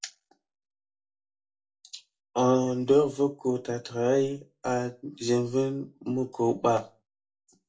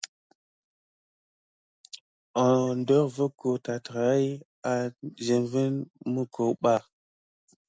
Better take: second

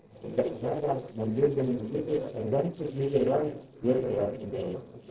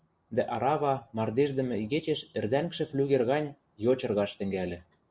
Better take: second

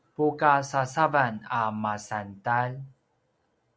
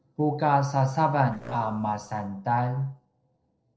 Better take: first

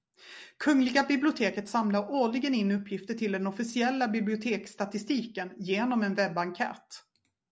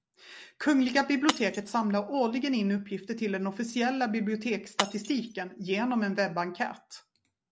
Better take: first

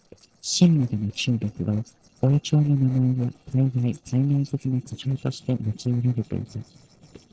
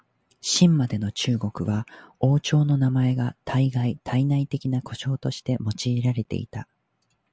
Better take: second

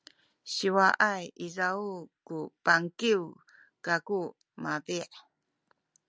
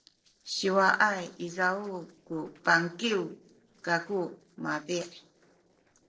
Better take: first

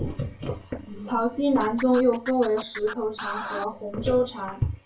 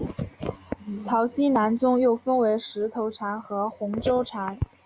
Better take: second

